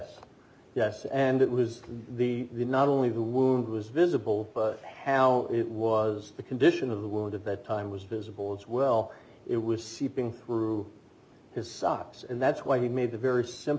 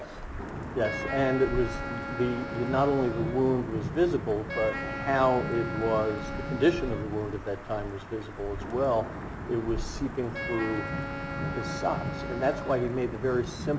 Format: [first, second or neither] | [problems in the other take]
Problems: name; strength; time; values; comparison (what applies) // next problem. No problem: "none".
first | background sound (Thunder / Wind / Rain + Wind instrument, woodwind instrument); 5 dB below the speech